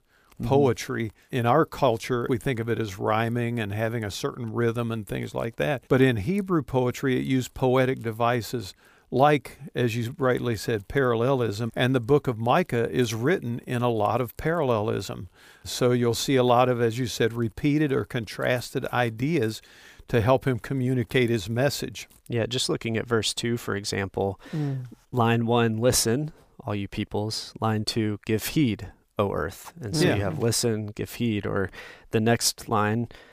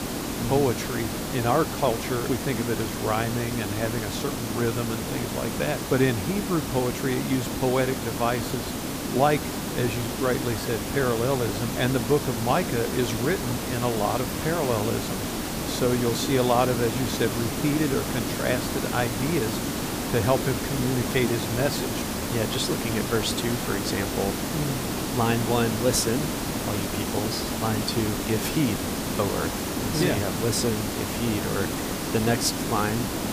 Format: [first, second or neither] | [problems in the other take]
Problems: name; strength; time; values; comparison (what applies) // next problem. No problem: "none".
first | hiss; loud; throughout; 2 dB below the speech